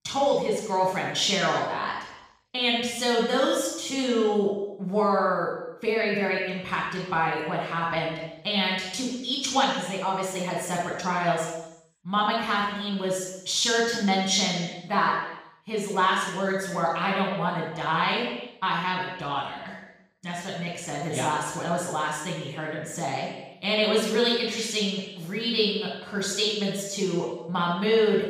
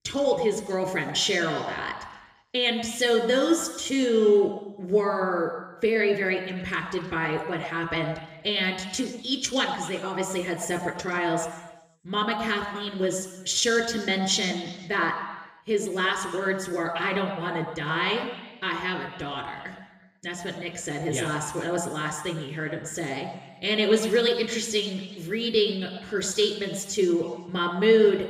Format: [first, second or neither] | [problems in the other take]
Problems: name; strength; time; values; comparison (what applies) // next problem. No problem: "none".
second | room echo; strong; dies away in 0.9 s; slight in the second // off-mic speech; far; somewhat distant in the second